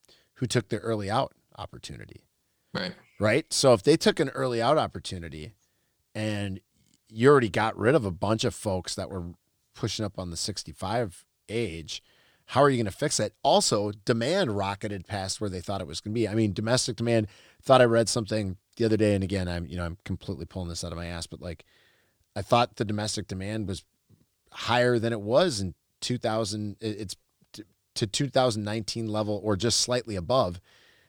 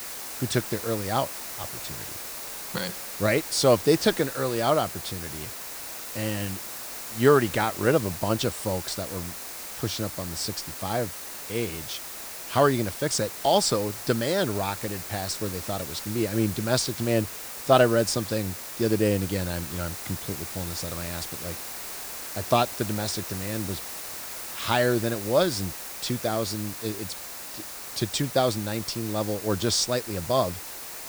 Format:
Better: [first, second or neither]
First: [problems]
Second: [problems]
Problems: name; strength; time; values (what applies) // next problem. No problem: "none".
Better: first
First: none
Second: hiss; loud; throughout; 8 dB below the speech